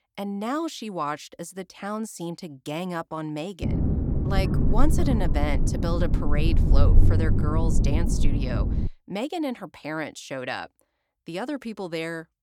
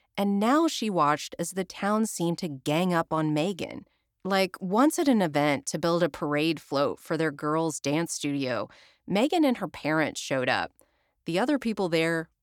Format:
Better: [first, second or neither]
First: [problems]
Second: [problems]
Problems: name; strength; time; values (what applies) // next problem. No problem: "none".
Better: second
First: low rumble; loud; from 3.5 to 9 s; 4 dB below the speech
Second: none